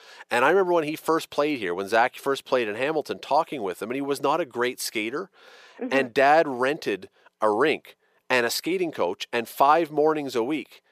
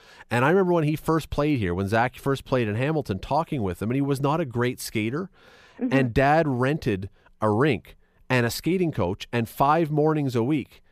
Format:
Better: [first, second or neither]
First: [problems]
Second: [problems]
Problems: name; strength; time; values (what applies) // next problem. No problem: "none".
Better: second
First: thin; somewhat; fading below 450 Hz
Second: none